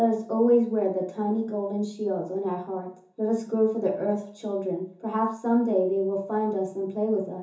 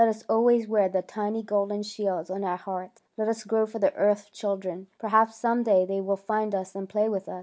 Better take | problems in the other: second | room echo; dies away in 0.6 s

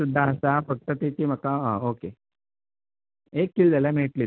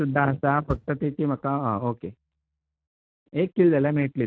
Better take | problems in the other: first | noise reduction (neural mask model RNNoise)

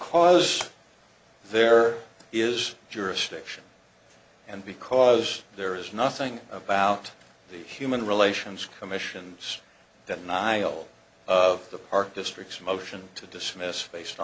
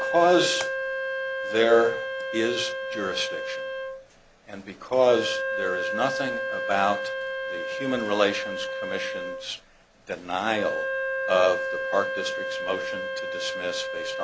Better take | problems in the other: first | background sound (Wind instrument, woodwind instrument); 3 dB below the speech

